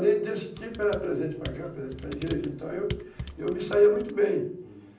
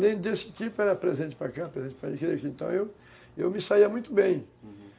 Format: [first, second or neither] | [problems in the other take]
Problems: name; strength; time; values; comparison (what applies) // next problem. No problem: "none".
second | background sound (Computer keyboard); 13 dB below the speech // room echo; dies away in 0.6 s